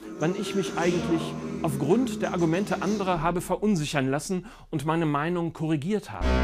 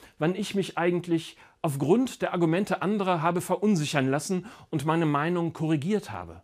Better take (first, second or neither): second